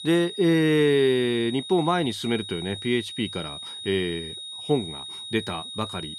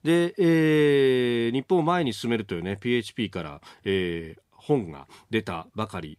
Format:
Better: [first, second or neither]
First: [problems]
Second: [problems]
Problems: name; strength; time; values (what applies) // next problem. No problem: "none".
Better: second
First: high-pitched whine; loud; throughout; 4 kHz, 10 dB below the speech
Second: none